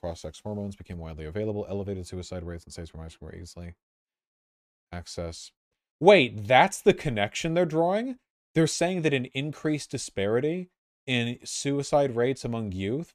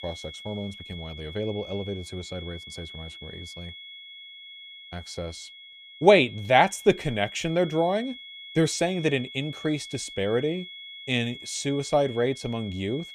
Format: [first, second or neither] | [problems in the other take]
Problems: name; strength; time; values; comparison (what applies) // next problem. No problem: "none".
first | high-pitched whine; noticeable; throughout; 3.5 kHz, 15 dB below the speech